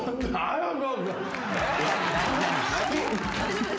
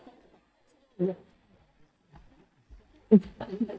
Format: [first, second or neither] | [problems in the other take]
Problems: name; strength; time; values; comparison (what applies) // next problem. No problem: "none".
first | noise reduction (neural mask model DeepFilterNet 3)